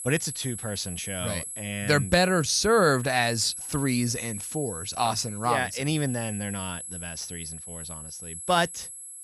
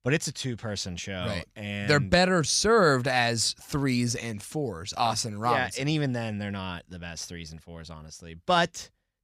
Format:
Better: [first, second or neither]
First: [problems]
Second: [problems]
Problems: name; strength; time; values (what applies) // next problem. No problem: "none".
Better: second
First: high-pitched whine; loud; throughout; 11 kHz, 9 dB below the speech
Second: none